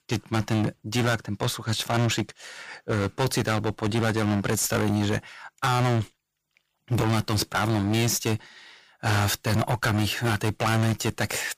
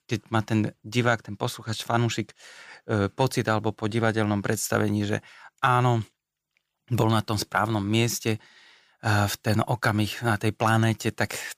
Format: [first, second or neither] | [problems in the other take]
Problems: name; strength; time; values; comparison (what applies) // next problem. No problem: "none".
second | distortion; heavy; 19% of the sound clipped